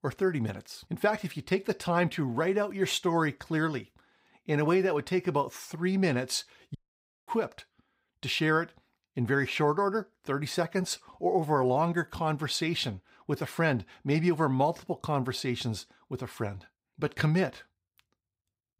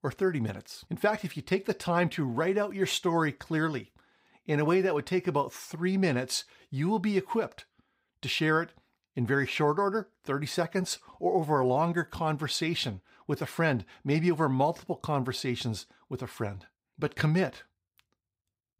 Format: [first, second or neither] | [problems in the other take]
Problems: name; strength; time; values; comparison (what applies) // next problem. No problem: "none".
second | audio cutting out; at 7 s for 0.5 s